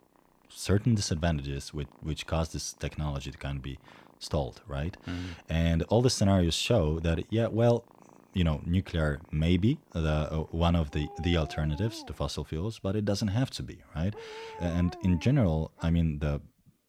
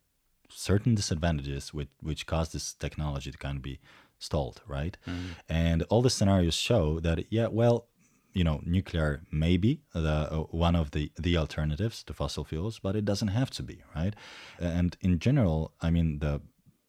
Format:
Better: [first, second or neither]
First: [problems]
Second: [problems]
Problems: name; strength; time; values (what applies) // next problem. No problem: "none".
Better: second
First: animal sounds; faint; throughout; 20 dB below the speech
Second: none